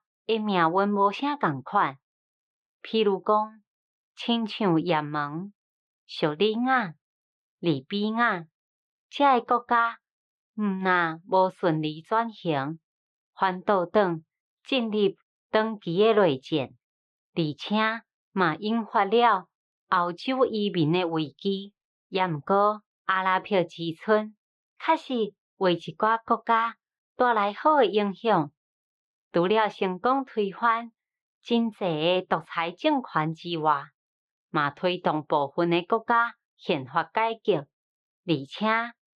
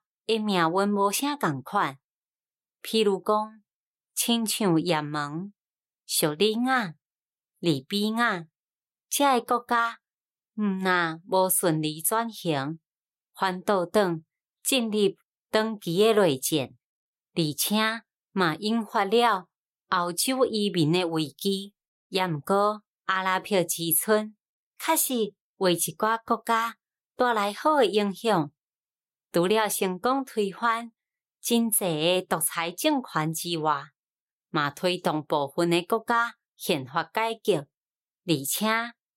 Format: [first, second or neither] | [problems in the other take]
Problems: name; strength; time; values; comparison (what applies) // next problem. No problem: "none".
second | muffled; slightly; fading above 3.5 kHz